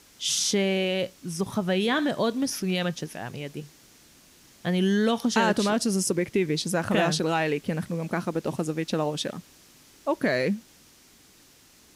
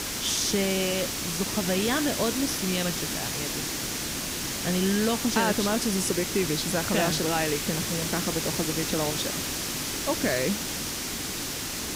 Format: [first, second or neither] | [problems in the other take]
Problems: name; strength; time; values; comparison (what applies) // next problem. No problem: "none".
first | hiss; loud; throughout; 1 dB below the speech; faint in the first